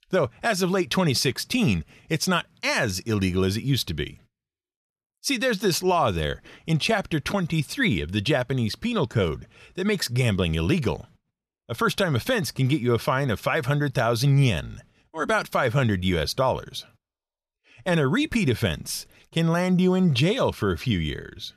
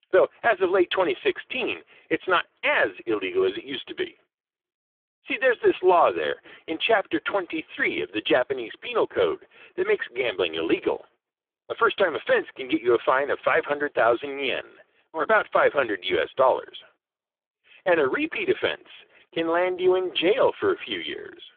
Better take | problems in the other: first | phone-call audio; poor line; nothing above 3.5 kHz

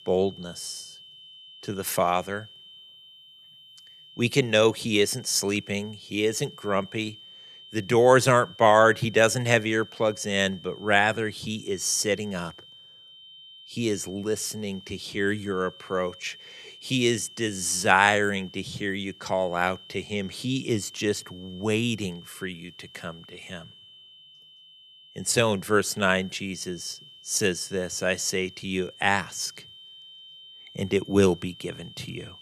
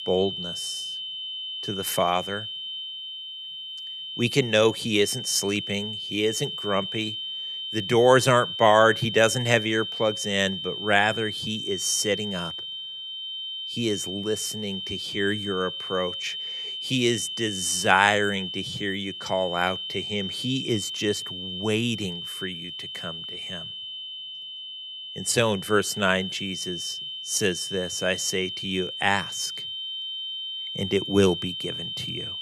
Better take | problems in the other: first | high-pitched whine; loud; throughout; 3 kHz, 6 dB below the speech; faint in the first

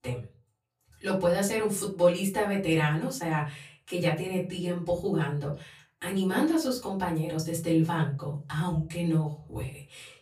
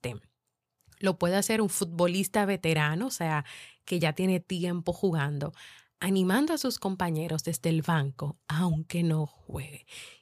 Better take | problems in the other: second | off-mic speech; far // room echo; very slight; dies away in 0.3 s

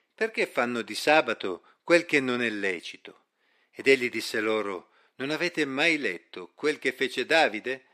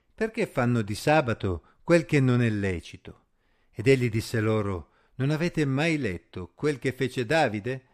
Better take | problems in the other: second | thin; somewhat; fading below 300 Hz

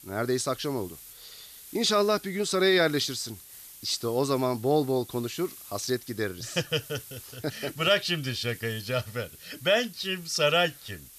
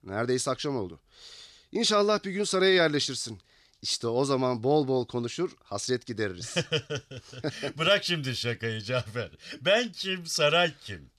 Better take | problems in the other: second | hiss; noticeable; throughout; 20 dB below the speech

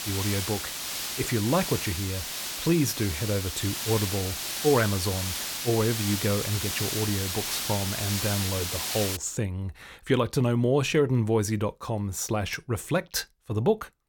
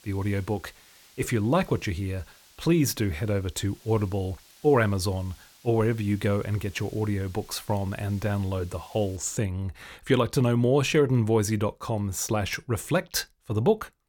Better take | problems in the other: second | hiss; loud; until 9 s; 2 dB below the speech; faint in the second

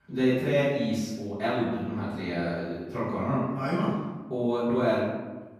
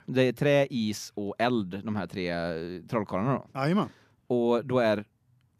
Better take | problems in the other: second | off-mic speech; far // room echo; strong; dies away in 1.1 s

